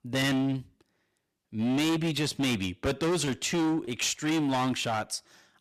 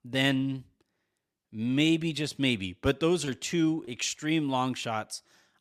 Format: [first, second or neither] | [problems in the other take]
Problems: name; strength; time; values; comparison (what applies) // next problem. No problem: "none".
second | distortion; heavy; 20% of the sound clipped